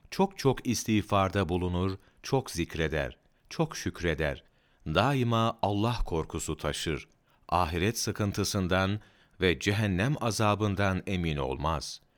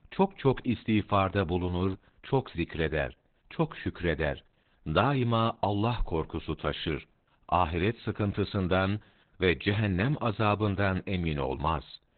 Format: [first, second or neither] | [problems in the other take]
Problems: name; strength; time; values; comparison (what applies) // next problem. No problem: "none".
first | garbled, watery; badly; nothing above 4 kHz